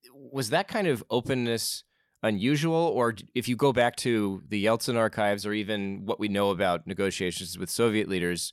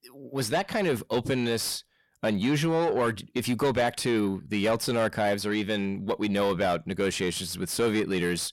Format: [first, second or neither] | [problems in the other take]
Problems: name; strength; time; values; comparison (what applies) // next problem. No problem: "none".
first | distortion; slight; 10 dB below the speech